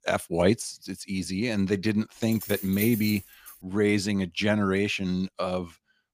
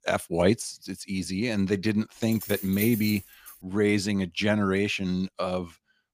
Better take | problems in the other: neither | jangling keys; noticeable; from 2 to 3.5 s; peak 7 dB below the speech; the same in both

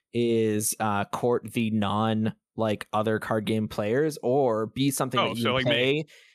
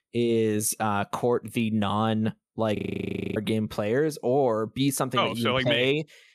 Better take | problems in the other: first | audio freezing; at 3 s for 0.5 s

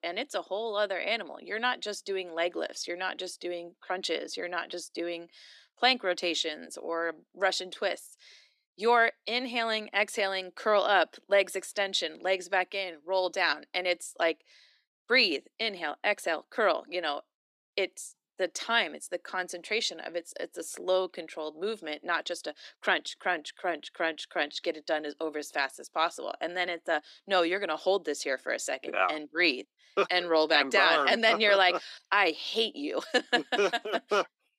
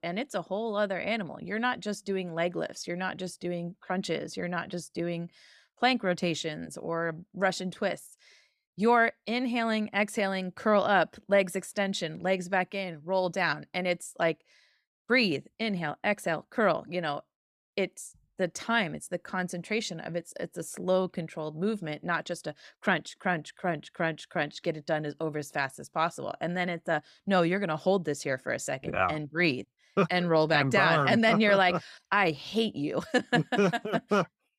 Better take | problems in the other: second | thin; somewhat; fading below 300 Hz

